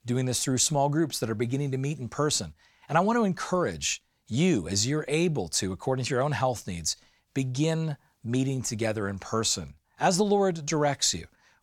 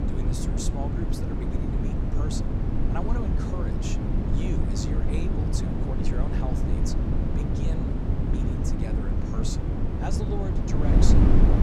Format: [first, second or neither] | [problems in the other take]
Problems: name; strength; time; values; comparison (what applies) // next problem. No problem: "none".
first | wind noise on the microphone; heavy; 4 dB above the speech